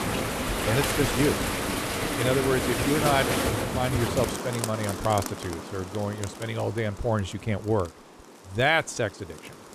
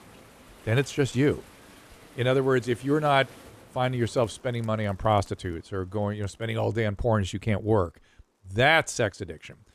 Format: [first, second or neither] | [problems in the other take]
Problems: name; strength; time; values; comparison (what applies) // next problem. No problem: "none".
second | rain or running water; loud; throughout; as loud as the speech; faint in the second